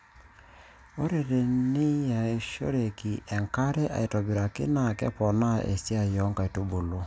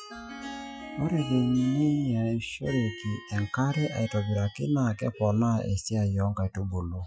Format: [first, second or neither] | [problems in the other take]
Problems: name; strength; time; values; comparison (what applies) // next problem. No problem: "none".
first | noise reduction (classical method Wiener filter)